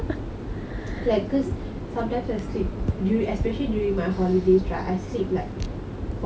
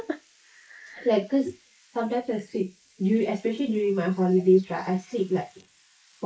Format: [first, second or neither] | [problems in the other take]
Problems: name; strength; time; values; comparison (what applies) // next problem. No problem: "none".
first | noise reduction (neural mask model Resemble Enhance denoiser)